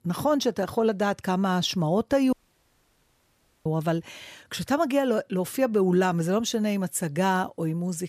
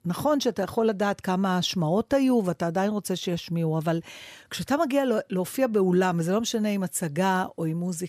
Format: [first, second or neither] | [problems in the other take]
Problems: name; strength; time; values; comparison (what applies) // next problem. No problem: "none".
second | audio cutting out; at 2.5 s for 1.5 s